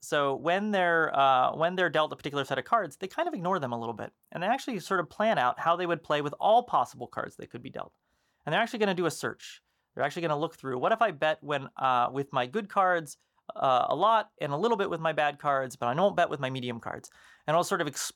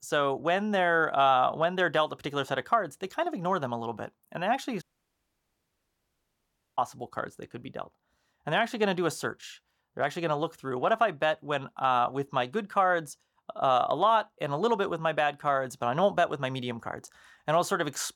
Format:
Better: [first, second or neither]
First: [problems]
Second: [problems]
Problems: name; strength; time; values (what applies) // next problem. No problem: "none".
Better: first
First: none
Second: audio cutting out; at 5 s for 2 s